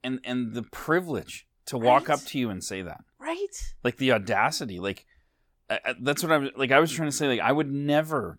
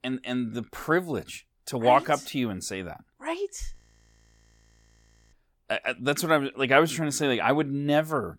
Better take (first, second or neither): first